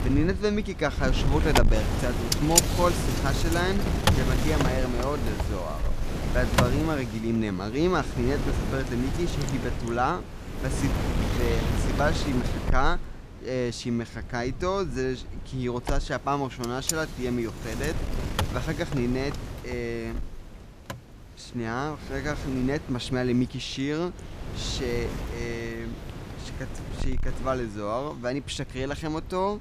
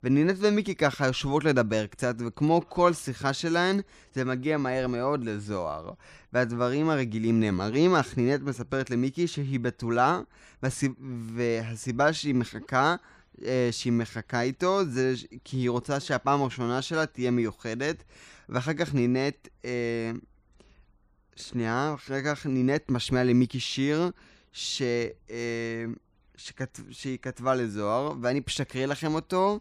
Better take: second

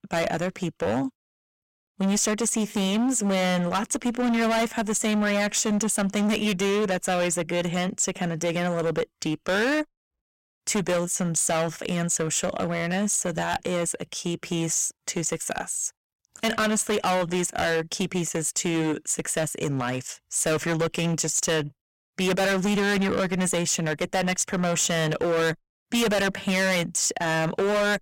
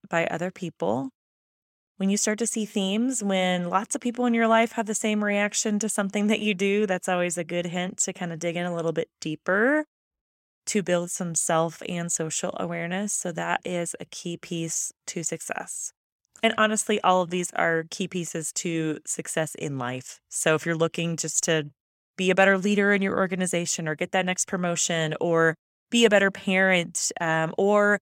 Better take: second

